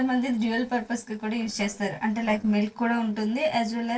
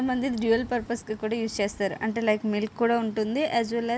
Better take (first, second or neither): second